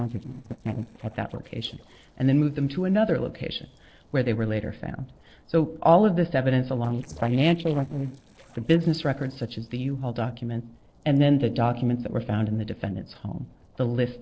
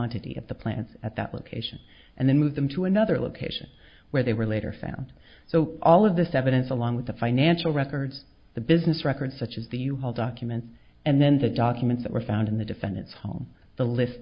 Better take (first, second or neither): second